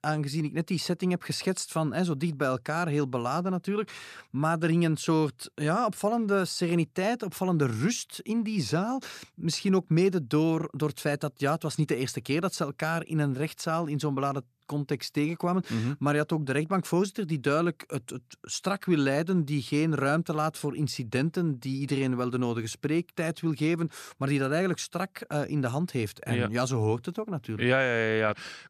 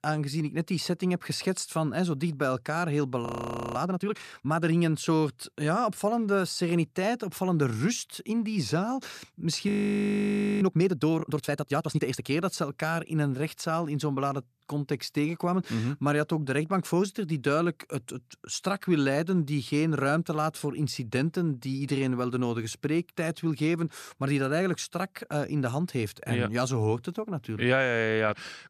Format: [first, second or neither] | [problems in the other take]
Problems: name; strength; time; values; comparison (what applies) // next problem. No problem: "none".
first | audio freezing; at 3.5 s and at 9.5 s for 1 s